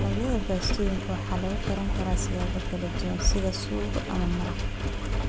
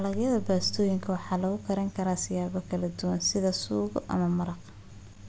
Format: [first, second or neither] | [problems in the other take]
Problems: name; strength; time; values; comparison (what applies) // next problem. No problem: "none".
second | background sound (Engine); 3 dB above the speech